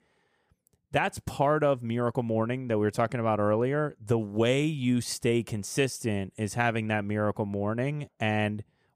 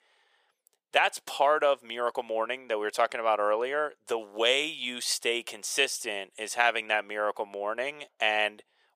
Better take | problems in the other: first | thin; very; fading below 550 Hz

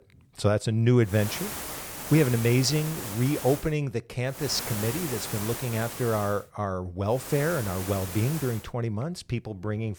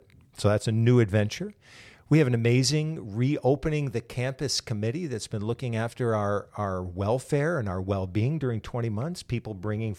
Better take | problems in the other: second | hiss; loud; from 1 to 3.5 s, from 4.5 to 6.5 s and from 7 to 8.5 s; 8 dB below the speech

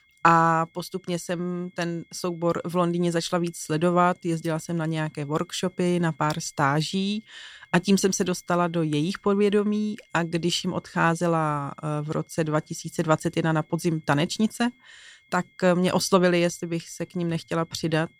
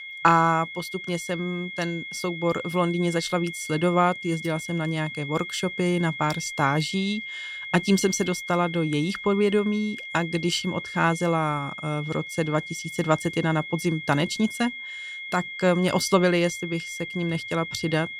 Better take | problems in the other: first | high-pitched whine; loud; throughout; 2 kHz, 9 dB below the speech; faint in the first

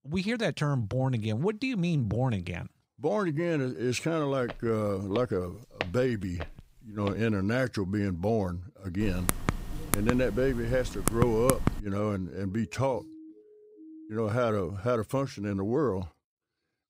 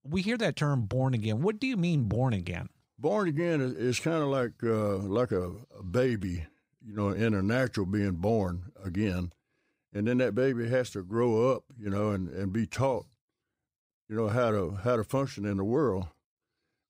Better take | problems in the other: second | footsteps; noticeable; from 4.5 to 7 s; peak 8 dB below the speech // keyboard typing; loud; from 9 to 12 s; peak level with the speech // siren; faint; from 12 to 14 s; peak 20 dB below the speech

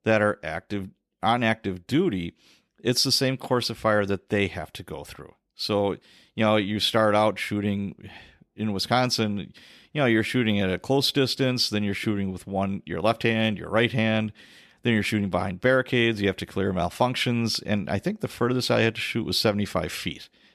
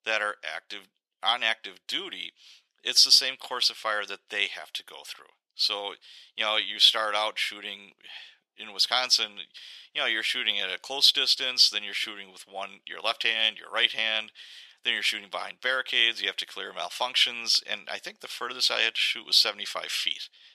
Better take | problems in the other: first | thin; very; fading below 850 Hz

